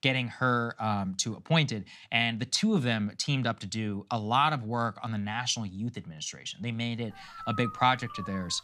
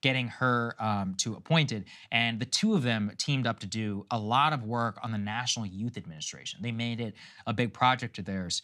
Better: second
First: dog barking; noticeable; from 7 s on; peak 9 dB below the speech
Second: none

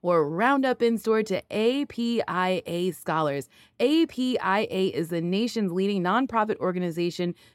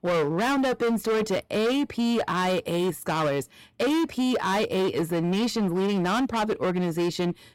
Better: first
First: none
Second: distortion; heavy; 26% of the sound clipped

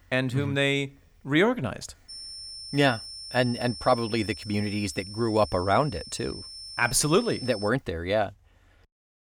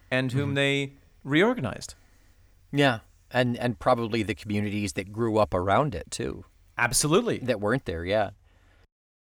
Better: second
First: high-pitched whine; noticeable; from 2 to 7.5 s; 5.5 kHz, 10 dB below the speech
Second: none

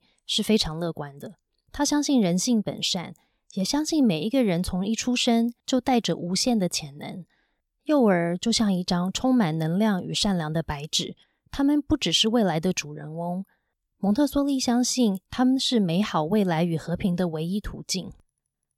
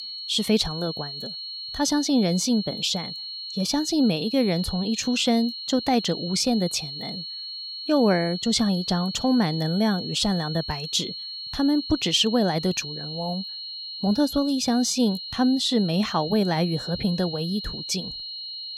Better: first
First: none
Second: high-pitched whine; loud; throughout; 4.5 kHz, 8 dB below the speech

